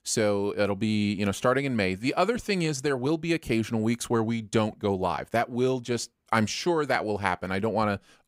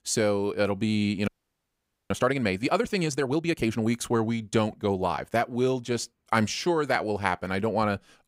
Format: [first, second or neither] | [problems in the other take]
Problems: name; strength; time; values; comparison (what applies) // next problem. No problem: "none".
first | audio freezing; at 1.5 s for 1 s